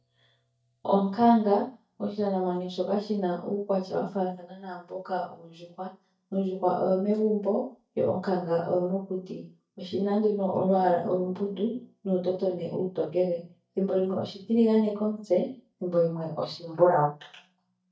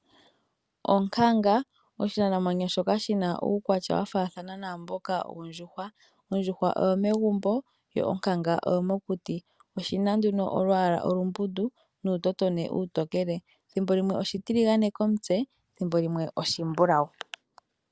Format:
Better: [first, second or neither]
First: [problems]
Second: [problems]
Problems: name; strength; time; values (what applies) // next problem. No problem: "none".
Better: second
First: noise reduction (neural mask model DeepFilterNet 3)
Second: none